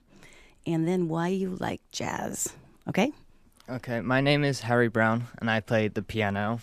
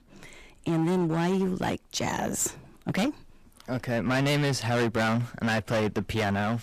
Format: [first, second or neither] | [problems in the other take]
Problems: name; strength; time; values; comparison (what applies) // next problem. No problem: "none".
first | distortion; heavy; 18% of the sound clipped